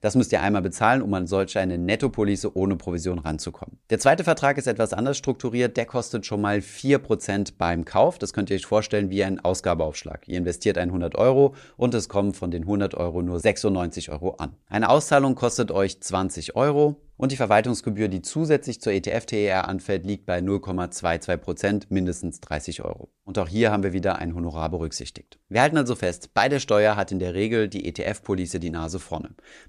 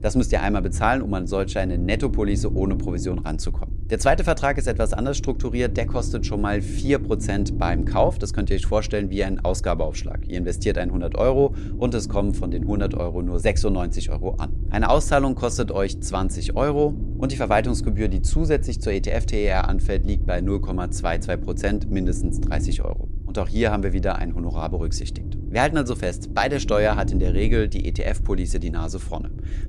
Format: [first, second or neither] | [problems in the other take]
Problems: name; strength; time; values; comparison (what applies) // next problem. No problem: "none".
first | low rumble; noticeable; throughout; 15 dB below the speech